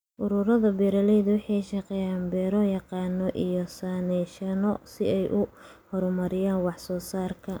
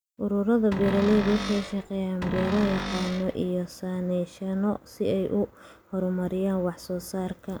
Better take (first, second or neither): first